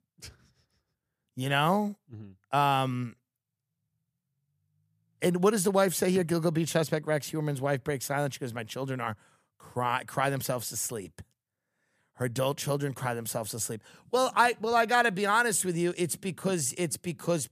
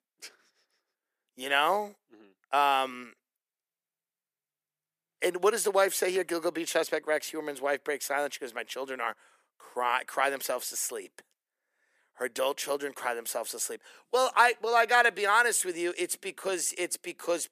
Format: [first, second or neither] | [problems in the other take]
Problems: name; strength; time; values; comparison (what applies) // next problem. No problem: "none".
first | thin; very; fading below 350 Hz